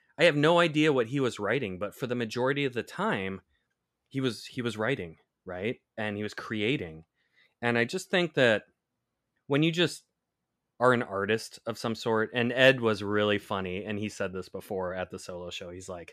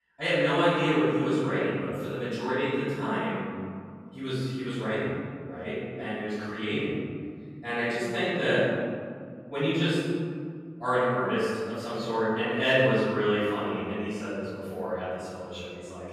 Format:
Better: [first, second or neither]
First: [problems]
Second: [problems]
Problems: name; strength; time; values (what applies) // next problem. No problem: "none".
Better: first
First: none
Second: room echo; strong; dies away in 2.1 s // off-mic speech; far